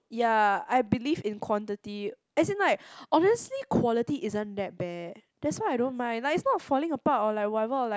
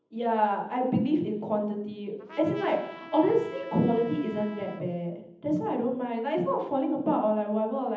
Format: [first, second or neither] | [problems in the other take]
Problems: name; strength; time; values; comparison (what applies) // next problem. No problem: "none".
first | background sound (Trumpet); 17 dB below the speech // room echo; dies away in 0.8 s